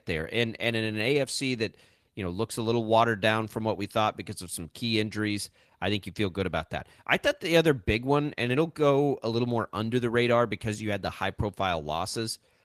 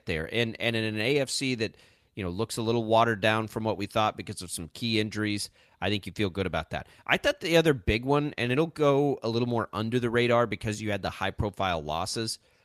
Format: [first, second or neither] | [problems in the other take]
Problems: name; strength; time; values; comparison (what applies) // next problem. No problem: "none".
second | garbled, watery; slightly; nothing above 14.5 kHz